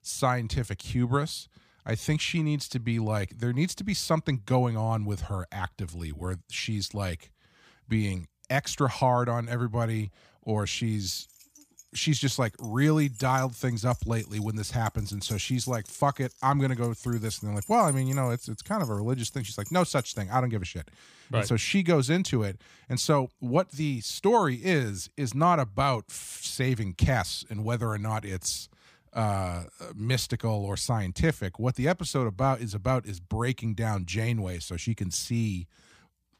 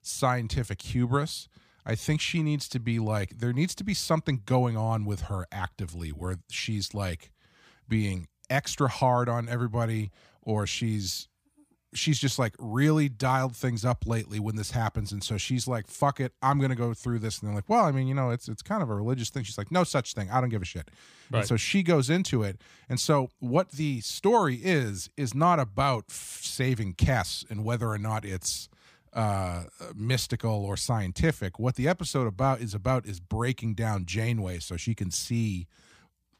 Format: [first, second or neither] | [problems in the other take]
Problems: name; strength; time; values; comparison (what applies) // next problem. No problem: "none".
second | jangling keys; noticeable; from 12 to 20 s; peak 6 dB below the speech